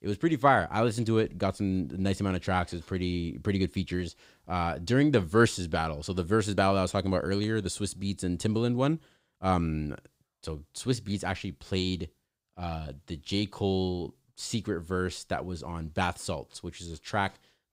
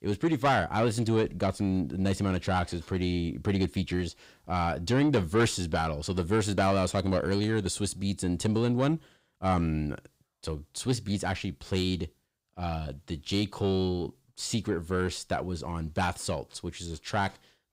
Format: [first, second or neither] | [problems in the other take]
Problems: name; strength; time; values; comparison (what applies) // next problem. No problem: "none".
first | distortion; slight; 10 dB below the speech